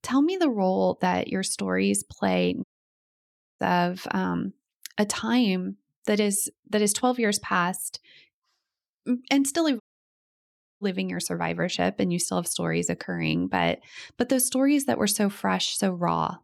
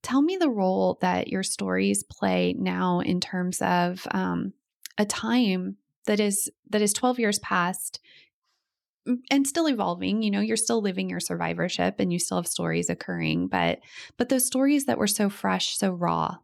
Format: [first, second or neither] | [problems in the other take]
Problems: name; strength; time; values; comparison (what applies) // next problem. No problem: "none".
second | audio cutting out; at 2.5 s for 1 s and at 10 s for 1 s